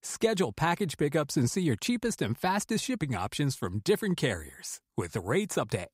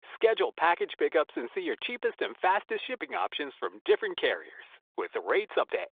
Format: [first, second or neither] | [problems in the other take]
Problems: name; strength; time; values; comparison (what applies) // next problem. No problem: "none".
first | phone-call audio; nothing above 3.5 kHz